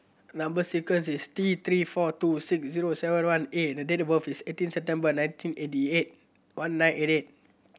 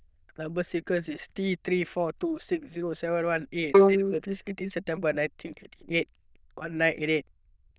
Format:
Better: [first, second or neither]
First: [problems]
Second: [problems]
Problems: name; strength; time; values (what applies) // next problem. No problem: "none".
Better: first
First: none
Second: noise reduction (neural diffusion model UNIVERSE++)